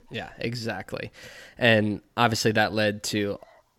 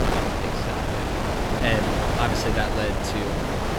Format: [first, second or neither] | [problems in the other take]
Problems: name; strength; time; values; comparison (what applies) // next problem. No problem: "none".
first | wind noise on the microphone; heavy; 3 dB above the speech